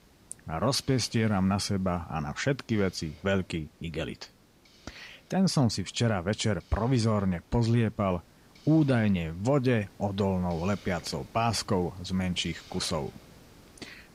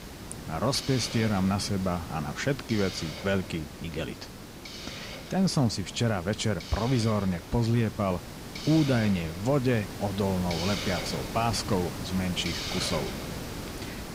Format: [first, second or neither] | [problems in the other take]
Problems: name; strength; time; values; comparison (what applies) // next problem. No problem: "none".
first | hiss; loud; throughout; 9 dB below the speech; faint in the first